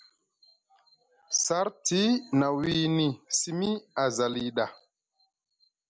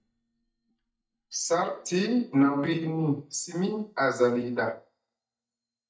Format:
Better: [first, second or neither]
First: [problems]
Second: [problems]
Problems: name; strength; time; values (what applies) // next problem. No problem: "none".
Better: first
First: none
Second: noise reduction (neural mask model DeepFilterNet 3)